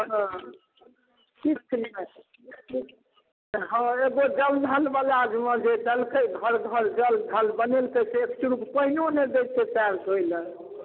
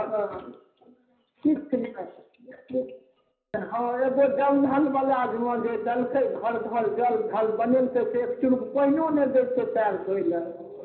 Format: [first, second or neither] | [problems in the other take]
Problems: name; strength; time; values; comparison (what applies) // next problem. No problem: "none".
first | room echo; dies away in 0.5 s